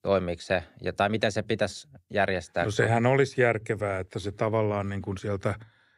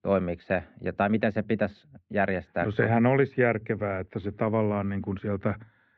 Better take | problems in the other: first | muffled; very; fading above 2.5 kHz

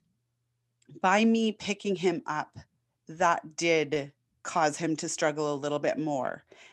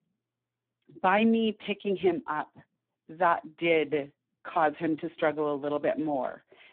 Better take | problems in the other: first | phone-call audio; poor line

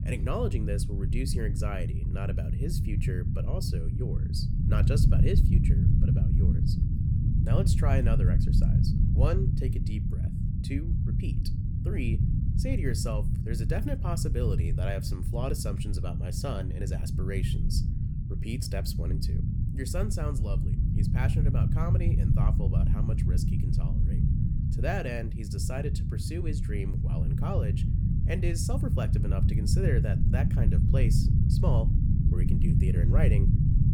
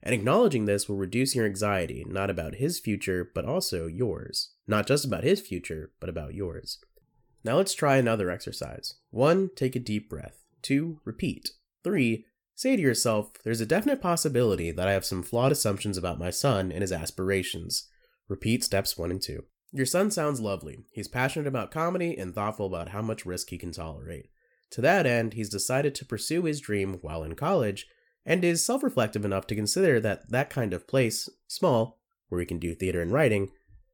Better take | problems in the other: second | low rumble; loud; throughout; 2 dB below the speech

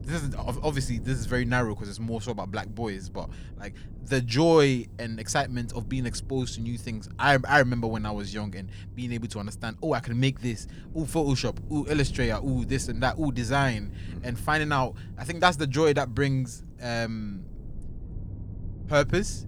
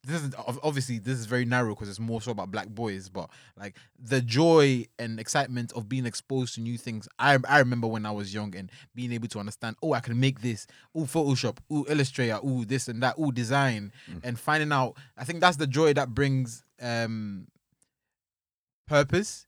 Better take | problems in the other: second | low rumble; faint; throughout; 25 dB below the speech

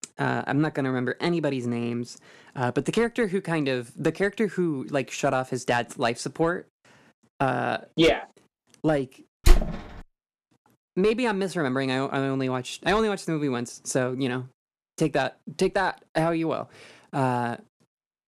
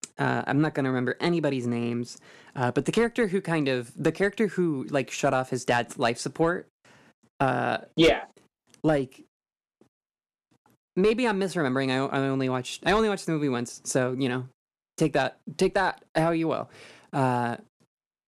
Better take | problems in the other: second | door banging; loud; at 9.5 s; peak 3 dB above the speech

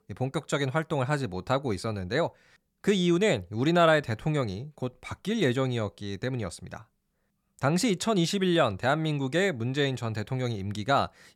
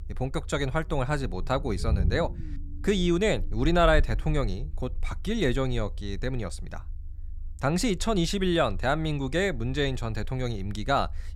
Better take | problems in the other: first | low rumble; faint; throughout; 25 dB below the speech

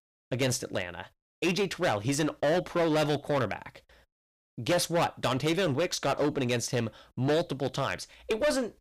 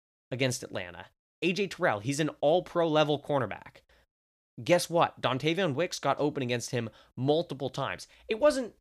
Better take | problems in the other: second | distortion; heavy; 12% of the sound clipped

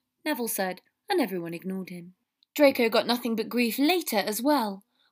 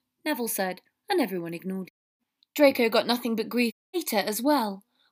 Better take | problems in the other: first | audio cutting out; at 2 s and at 3.5 s

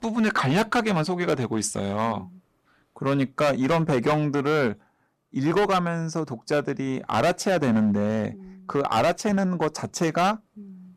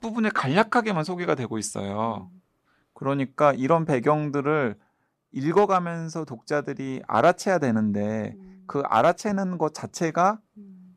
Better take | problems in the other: second | distortion; heavy; 10% of the sound clipped

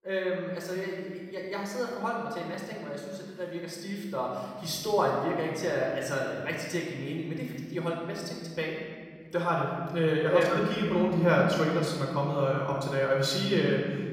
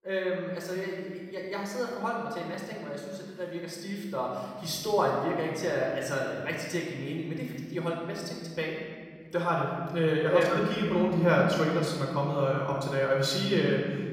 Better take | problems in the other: neither | room echo; noticeable; dies away in 2 s; the same in both // off-mic speech; far; the same in both

